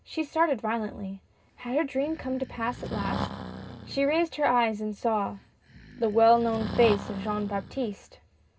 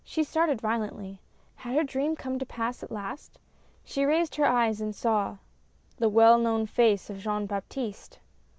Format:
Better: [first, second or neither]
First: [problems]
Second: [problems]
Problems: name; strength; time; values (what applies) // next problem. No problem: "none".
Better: second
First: background sound (Breathing); 10 dB below the speech // room echo; dies away in 0.2 s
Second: none